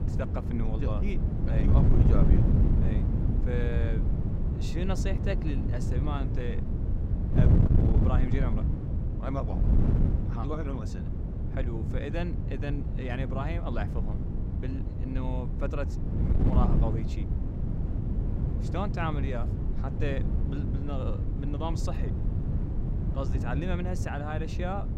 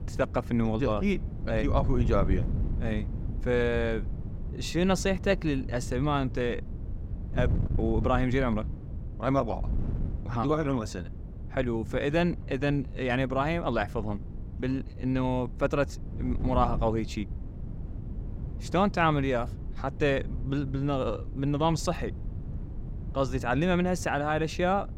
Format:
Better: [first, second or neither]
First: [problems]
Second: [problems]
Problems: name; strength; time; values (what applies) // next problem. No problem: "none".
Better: second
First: wind noise on the microphone; heavy; 2 dB below the speech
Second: wind noise on the microphone; occasional gusts; 20 dB below the speech